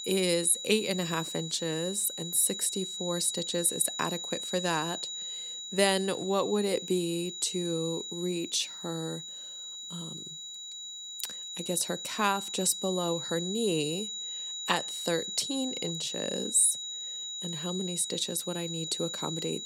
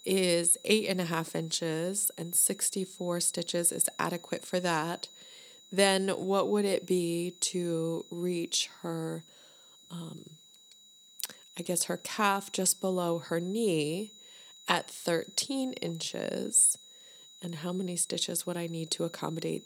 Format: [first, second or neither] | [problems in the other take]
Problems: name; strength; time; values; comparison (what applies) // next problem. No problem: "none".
second | high-pitched whine; loud; throughout; 4 kHz, 6 dB below the speech; faint in the second